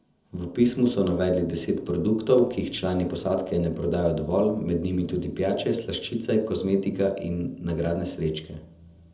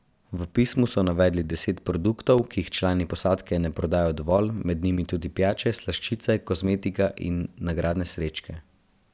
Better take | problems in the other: second | room echo; dies away in 0.8 s

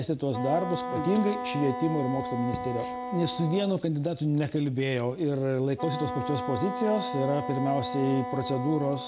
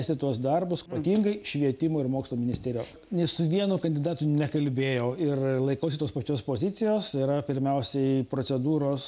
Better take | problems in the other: second | background sound (Wind instrument, woodwind instrument); 7 dB below the speech

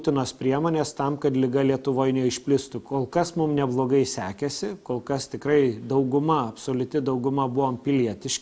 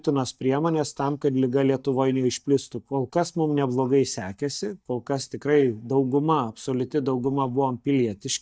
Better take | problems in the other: first | noise reduction (neural mask model DeepFilterNet 3)

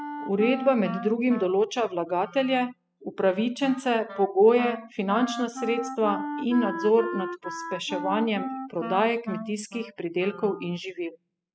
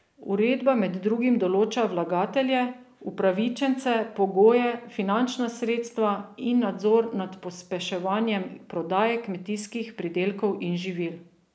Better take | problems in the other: second | noise reduction (classical method spectral subtraction)

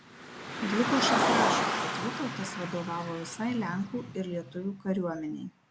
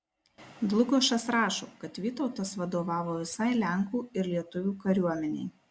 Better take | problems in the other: second | background sound (Car); 1 dB above the speech

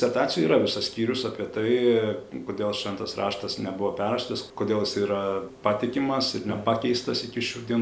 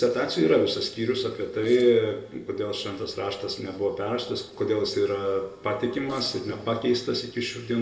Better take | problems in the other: first | noise reduction (neural separator model SepFormer DNS4)

